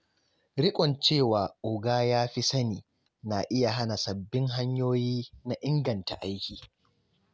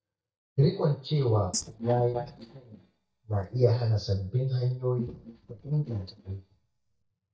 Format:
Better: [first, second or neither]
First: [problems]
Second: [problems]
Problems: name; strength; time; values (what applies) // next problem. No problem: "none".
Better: first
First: none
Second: noise reduction (neural mask model DeepFilterNet 3)